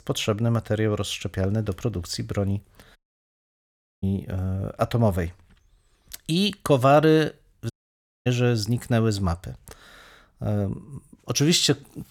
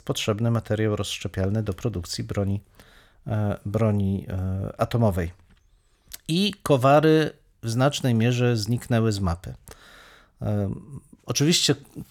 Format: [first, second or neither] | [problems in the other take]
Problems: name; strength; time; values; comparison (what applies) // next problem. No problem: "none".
second | audio cutting out; at 3 s for 1 s and at 7.5 s for 0.5 s